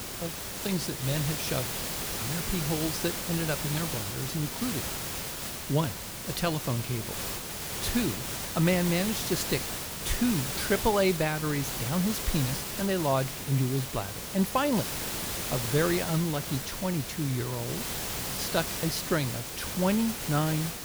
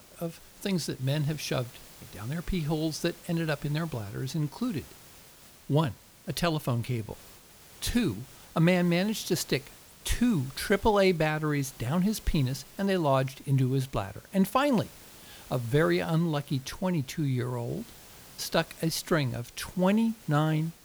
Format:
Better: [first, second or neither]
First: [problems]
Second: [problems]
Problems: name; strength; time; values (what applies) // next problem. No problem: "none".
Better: second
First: hiss; loud; throughout; 3 dB below the speech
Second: hiss; faint; throughout; 20 dB below the speech